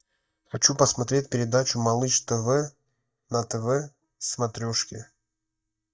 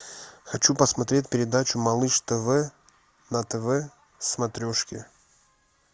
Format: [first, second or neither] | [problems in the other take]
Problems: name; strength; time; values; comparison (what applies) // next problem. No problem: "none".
second | noise reduction (neural mask model DeepFilterNet 3)